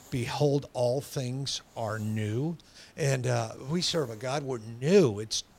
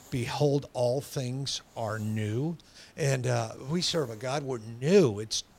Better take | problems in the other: neither | hiss; faint; throughout; 25 dB below the speech; the same in both

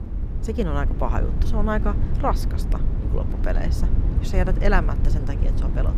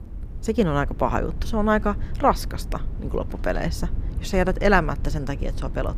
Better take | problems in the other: second | low rumble; loud; throughout; 9 dB below the speech; faint in the second

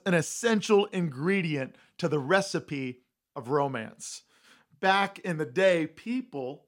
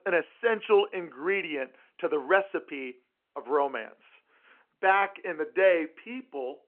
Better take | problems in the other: first | phone-call audio

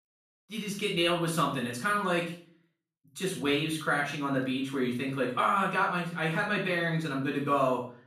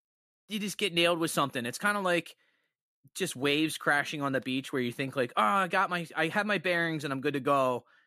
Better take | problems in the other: second | room echo; noticeable; dies away in 0.4 s // off-mic speech; far

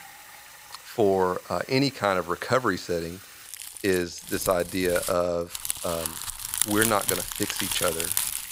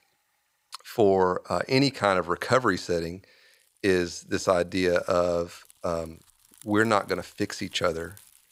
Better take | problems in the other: second | household noises; loud; throughout; 2 dB below the speech; faint in the second

